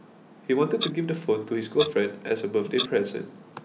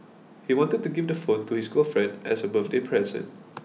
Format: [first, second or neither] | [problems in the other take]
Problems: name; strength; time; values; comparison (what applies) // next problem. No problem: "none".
second | background sound (Clock); 11 dB below the speech